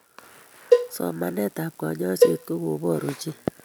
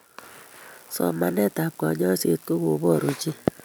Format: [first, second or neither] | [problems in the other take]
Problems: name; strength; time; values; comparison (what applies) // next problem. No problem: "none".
second | background sound (Cowbell); 4 dB above the speech